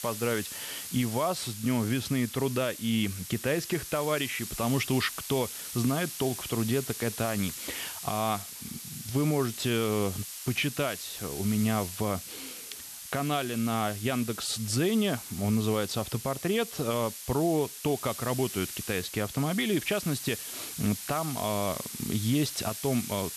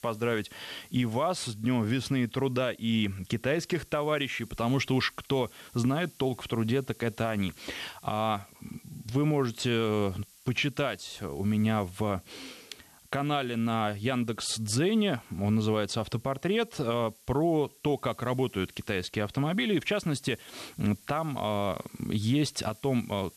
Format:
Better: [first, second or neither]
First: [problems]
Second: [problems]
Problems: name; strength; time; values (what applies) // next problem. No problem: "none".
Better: second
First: hiss; loud; throughout; 8 dB below the speech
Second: hiss; faint; throughout; 25 dB below the speech